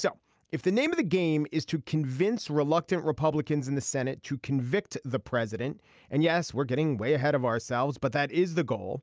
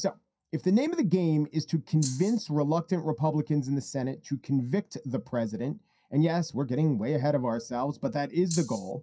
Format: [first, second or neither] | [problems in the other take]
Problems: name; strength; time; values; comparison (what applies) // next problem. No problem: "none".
first | noise reduction (classical method WPE with log-MMSE)